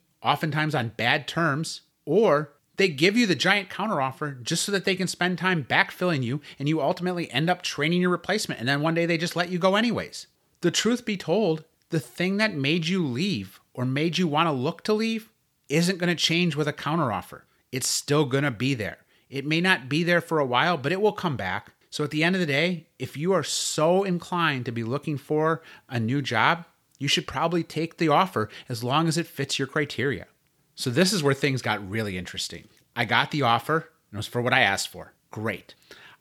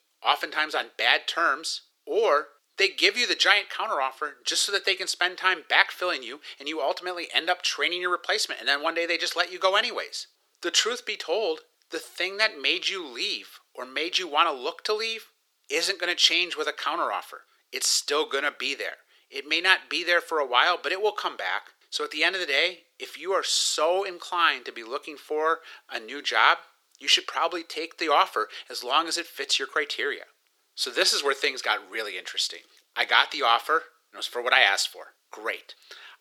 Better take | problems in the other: first | thin; very; fading below 400 Hz

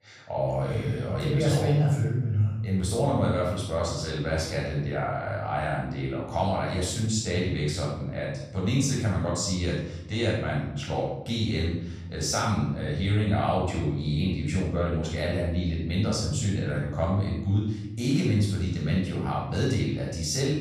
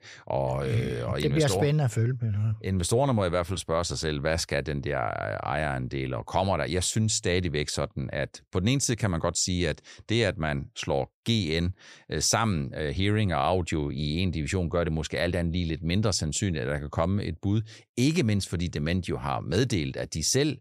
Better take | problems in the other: second | off-mic speech; far // room echo; noticeable; dies away in 0.8 s

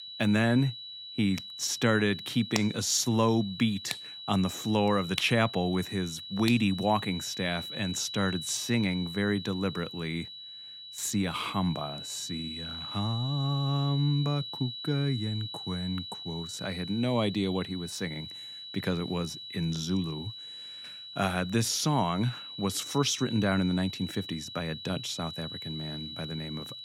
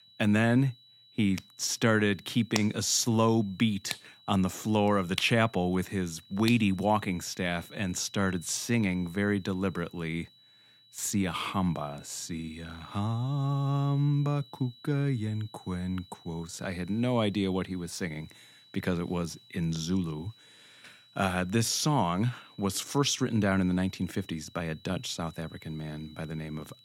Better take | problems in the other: second | high-pitched whine; loud; throughout; 4 kHz, 9 dB below the speech; faint in the second

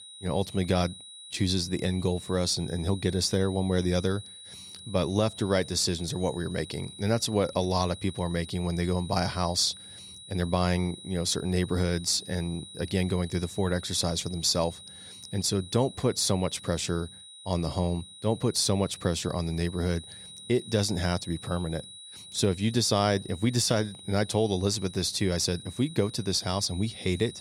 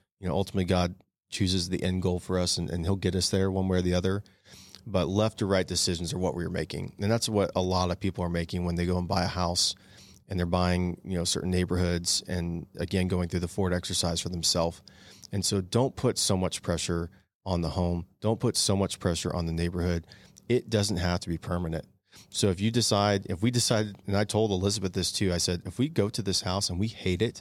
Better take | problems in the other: second | high-pitched whine; noticeable; throughout; 4 kHz, 15 dB below the speech

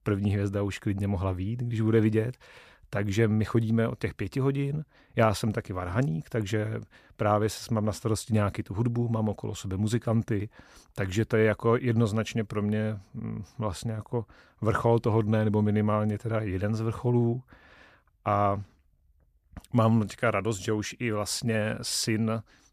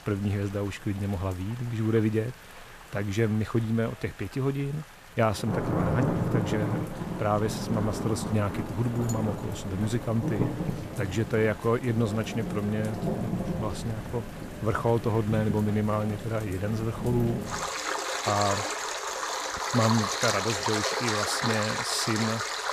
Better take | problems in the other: first | rain or running water; loud; throughout; 2 dB below the speech

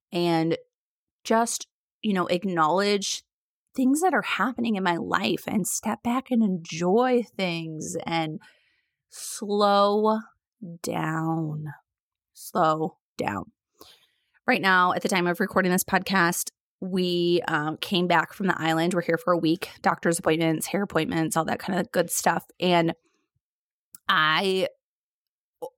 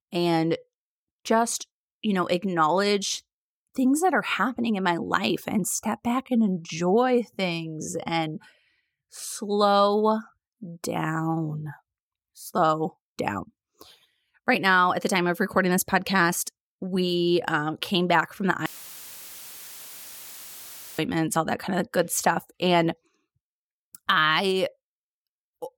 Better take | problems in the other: first | audio cutting out; filled with static; at 19 s for 2.5 s

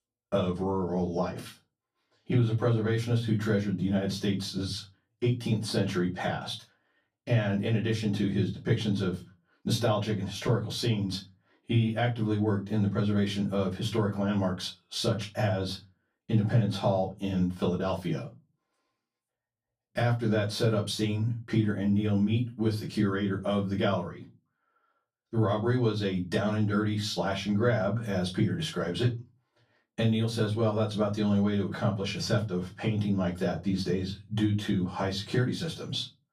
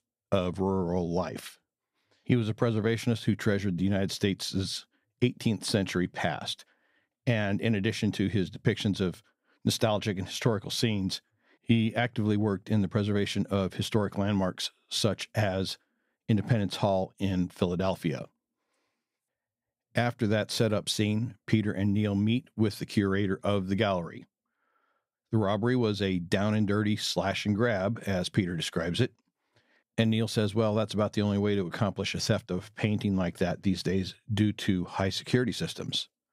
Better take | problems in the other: second | off-mic speech; far // room echo; very slight; dies away in 0.2 s

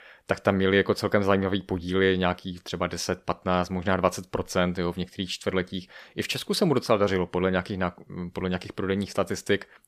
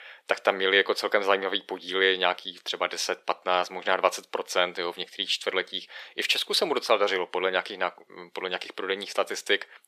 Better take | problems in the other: first | thin; very; fading below 400 Hz

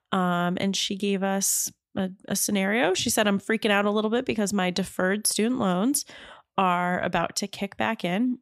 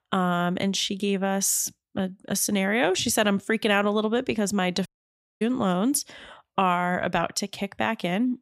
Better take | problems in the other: first | audio cutting out; at 5 s for 0.5 s

